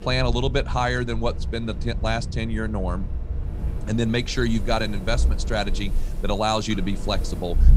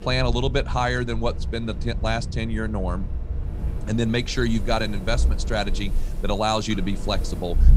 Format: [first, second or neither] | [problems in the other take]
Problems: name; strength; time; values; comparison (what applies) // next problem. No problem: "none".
neither | wind in the background; loud; throughout; 4 dB below the speech; the same in both